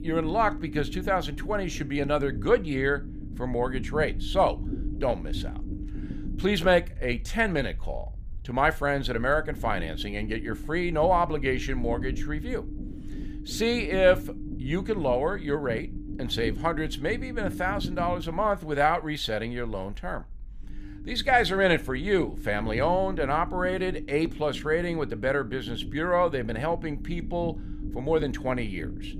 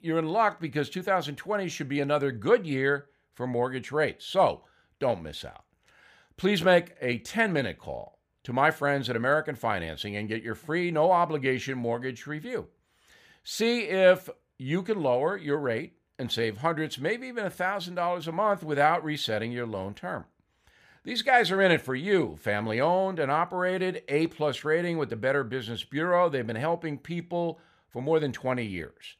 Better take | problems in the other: second | low rumble; noticeable; throughout; 15 dB below the speech

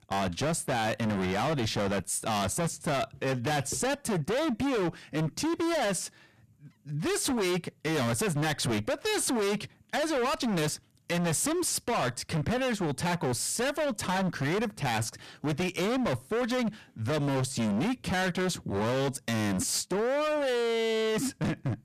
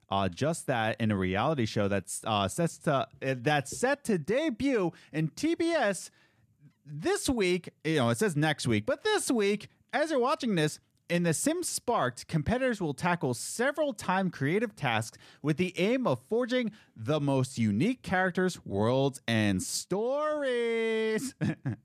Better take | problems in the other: second | distortion; heavy; 35% of the sound clipped

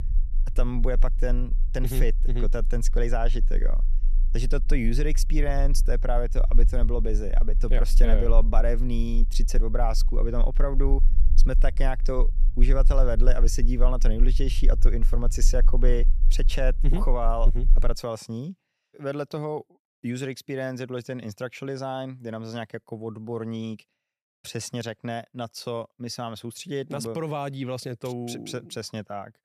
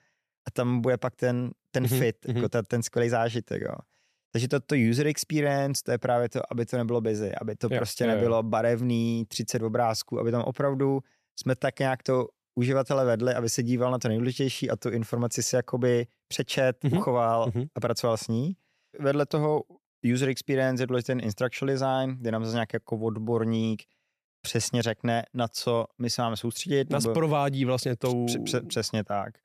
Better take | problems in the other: second | low rumble; noticeable; until 18 s; 20 dB below the speech

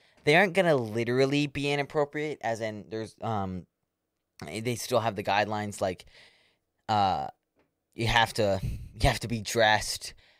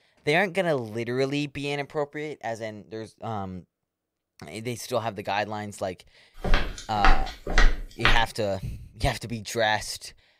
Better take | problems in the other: first | footsteps; loud; from 6.5 to 8 s; peak 4 dB above the speech

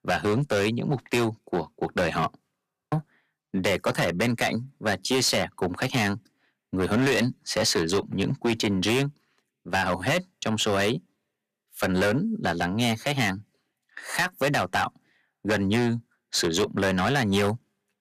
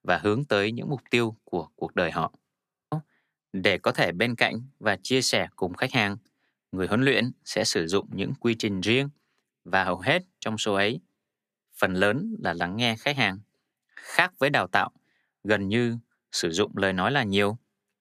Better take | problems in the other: second | distortion; heavy; 9% of the sound clipped

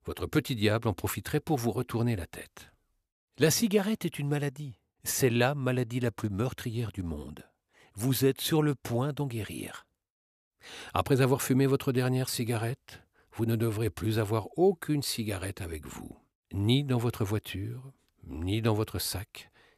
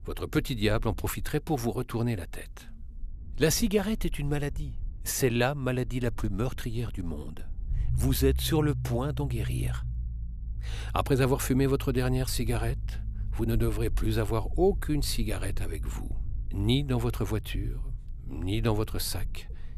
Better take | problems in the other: first | low rumble; faint; throughout; 20 dB below the speech

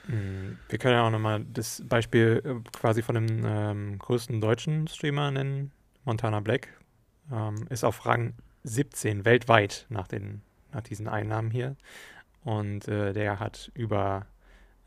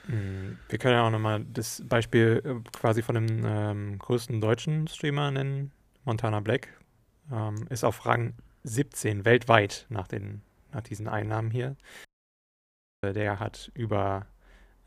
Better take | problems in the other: first | audio cutting out; at 12 s for 1 s

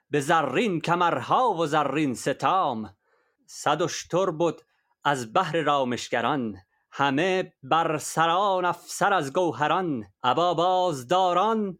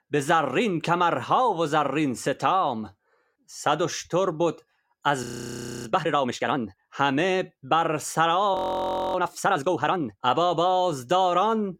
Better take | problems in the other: first | audio freezing; at 5 s for 0.5 s and at 8.5 s for 0.5 s

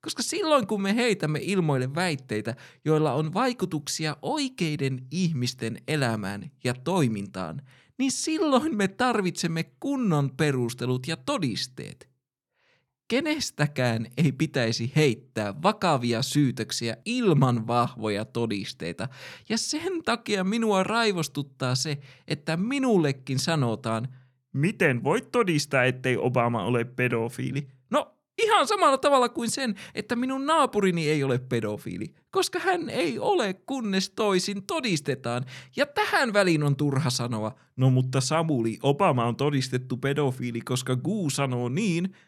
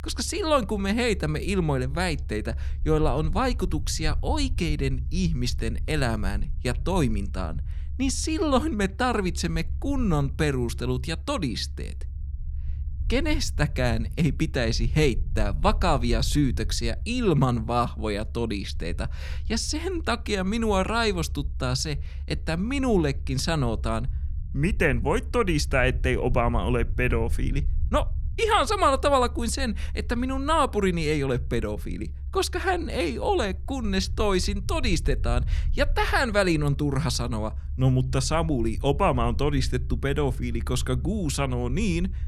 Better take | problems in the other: first | low rumble; faint; throughout; 25 dB below the speech

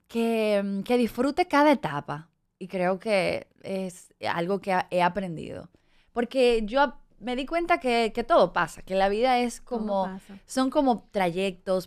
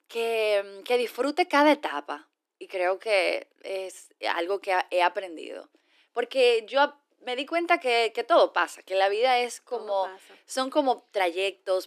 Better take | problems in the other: first | thin; somewhat; fading below 300 Hz

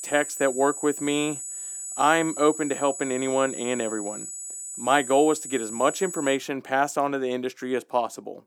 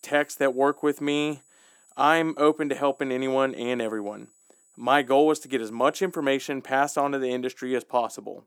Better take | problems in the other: second | high-pitched whine; loud; until 6.5 s; 8 kHz, 8 dB below the speech; faint in the second

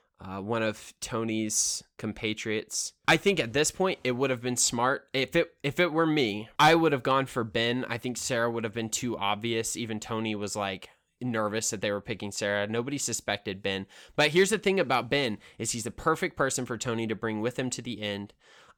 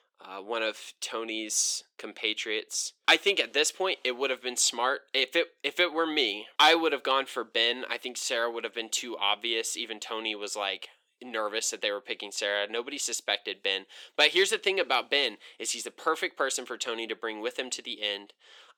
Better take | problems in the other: first | thin; somewhat; fading below 350 Hz

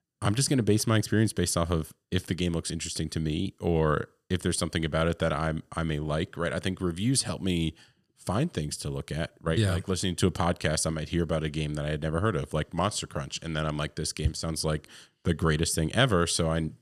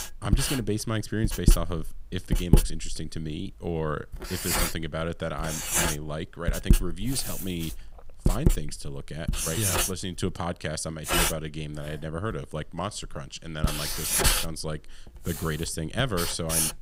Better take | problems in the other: first | household noises; very loud; throughout; 5 dB above the speech

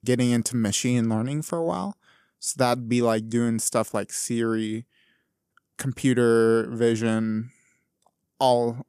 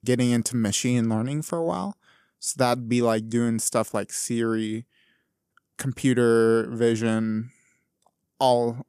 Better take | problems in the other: neither | none

